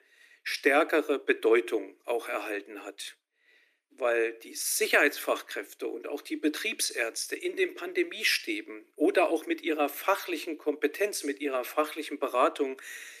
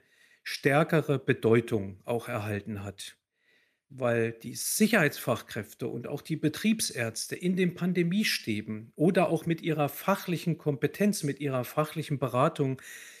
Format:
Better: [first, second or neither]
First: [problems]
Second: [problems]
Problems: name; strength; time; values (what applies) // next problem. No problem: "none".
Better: second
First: thin; somewhat; fading below 300 Hz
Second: none